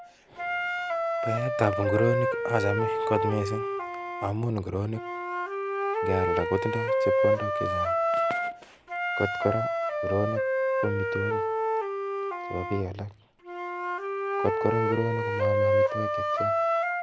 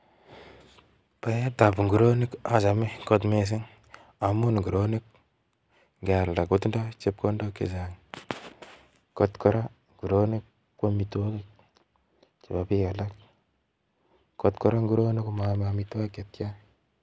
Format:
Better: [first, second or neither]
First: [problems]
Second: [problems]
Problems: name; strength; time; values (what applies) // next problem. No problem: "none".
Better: second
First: background sound (Wind instrument, woodwind instrument); 4 dB above the speech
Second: none